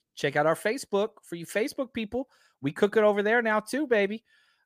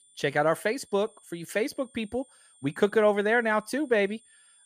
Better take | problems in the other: first | high-pitched whine; faint; throughout; 9 kHz, 30 dB below the speech

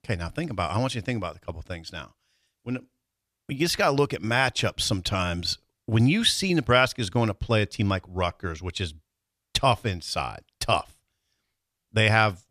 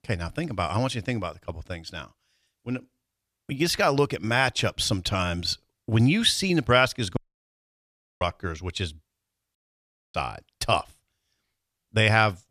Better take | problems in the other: first | audio cutting out; at 7 s for 1 s and at 9.5 s for 0.5 s

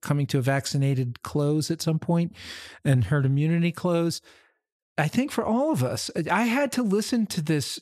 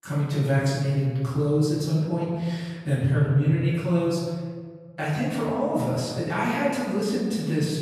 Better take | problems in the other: first | off-mic speech; far // room echo; strong; dies away in 1.6 s

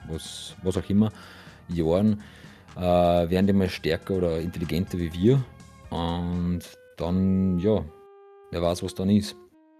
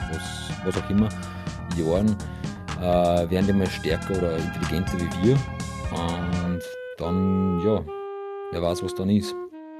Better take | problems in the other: first | background music; loud; throughout; 7 dB below the speech; faint in the first

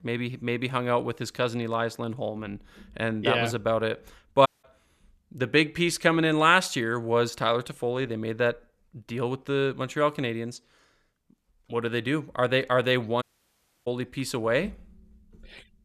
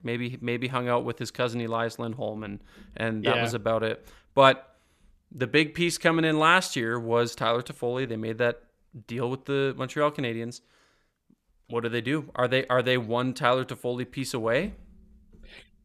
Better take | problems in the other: second | audio cutting out; at 4.5 s and at 13 s for 0.5 s

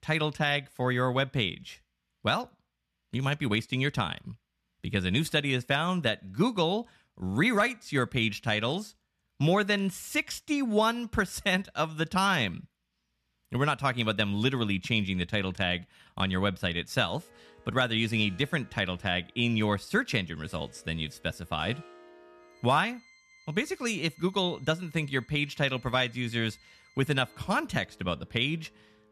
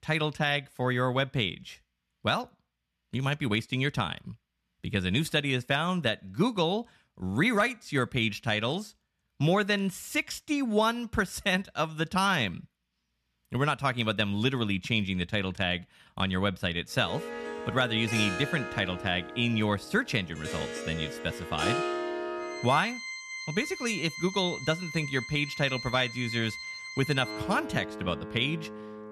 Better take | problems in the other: first | background music; loud; from 17 s on; 7 dB below the speech; faint in the first

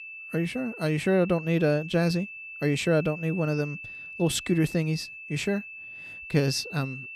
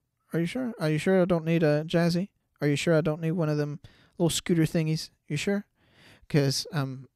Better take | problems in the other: second | high-pitched whine; noticeable; throughout; 2.5 kHz, 10 dB below the speech

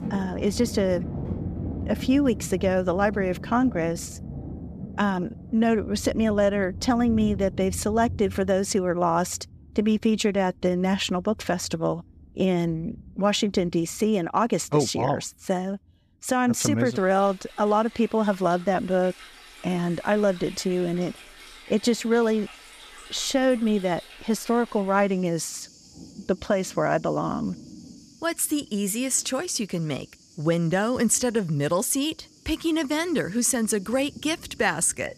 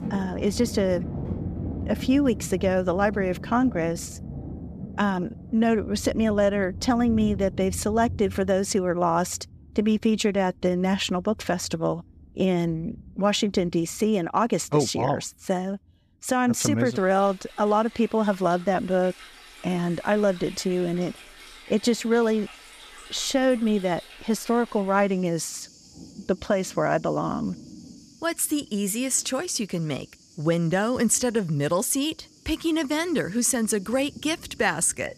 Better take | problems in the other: neither | rain or running water; noticeable; throughout; 15 dB below the speech; the same in both

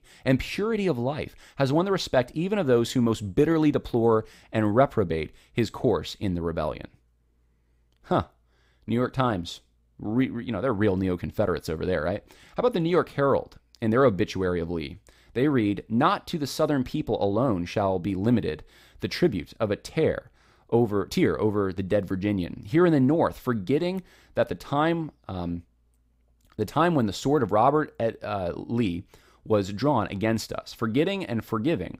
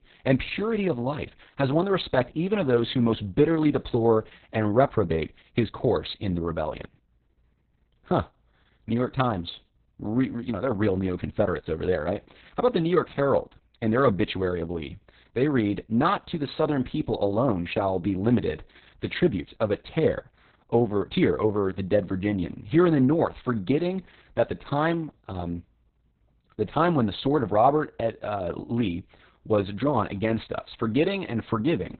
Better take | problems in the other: first | garbled, watery; badly; nothing above 4 kHz

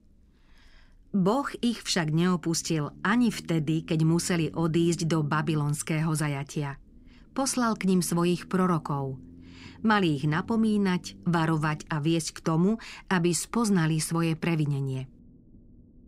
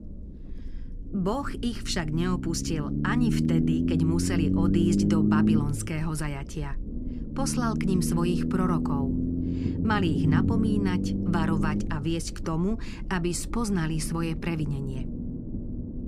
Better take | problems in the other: first | low rumble; loud; throughout; 2 dB below the speech; faint in the first

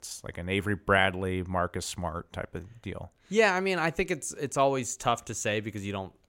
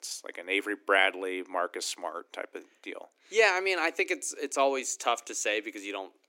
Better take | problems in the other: first | thin; somewhat; fading below 300 Hz

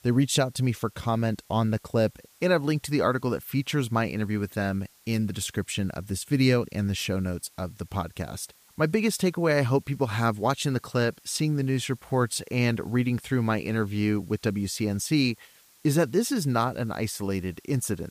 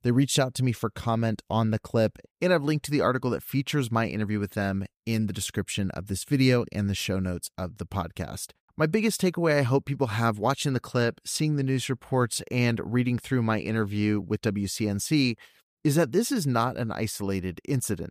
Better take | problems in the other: second | hiss; faint; throughout; 30 dB below the speech

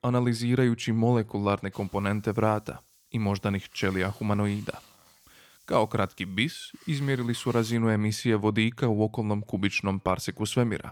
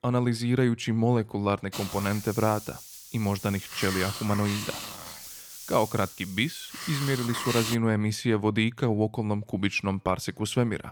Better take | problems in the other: first | hiss; loud; from 1.5 to 8 s; 8 dB below the speech; faint in the first

